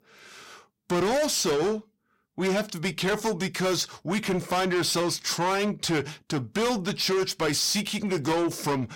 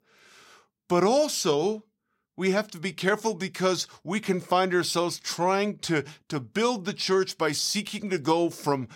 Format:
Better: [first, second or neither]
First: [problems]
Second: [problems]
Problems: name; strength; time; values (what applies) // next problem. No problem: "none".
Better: second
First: distortion; heavy; 7 dB below the speech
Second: none